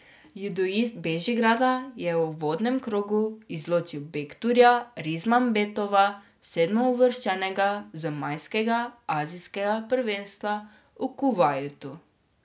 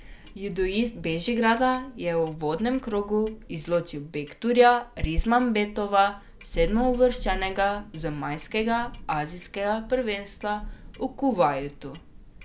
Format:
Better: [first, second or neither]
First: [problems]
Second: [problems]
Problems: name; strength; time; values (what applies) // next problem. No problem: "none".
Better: first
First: none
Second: background sound (Thunder + Clock); 12 dB below the speech